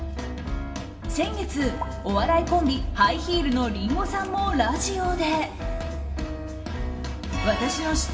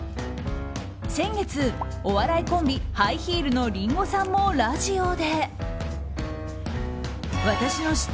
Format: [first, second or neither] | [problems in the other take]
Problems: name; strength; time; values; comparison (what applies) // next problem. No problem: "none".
second | room echo; dies away in 2.6 s